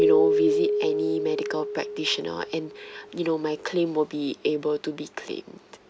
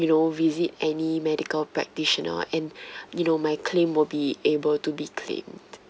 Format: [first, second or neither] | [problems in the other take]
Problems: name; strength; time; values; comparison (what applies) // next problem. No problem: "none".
second | background sound (Keyboard (musical)); as loud as the speech